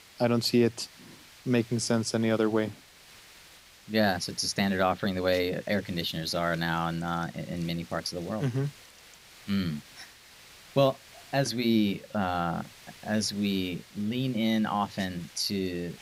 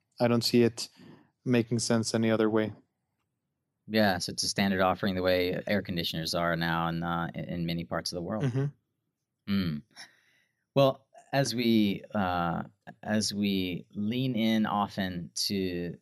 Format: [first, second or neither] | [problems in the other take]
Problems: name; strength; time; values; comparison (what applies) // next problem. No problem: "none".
second | hiss; faint; throughout; 20 dB below the speech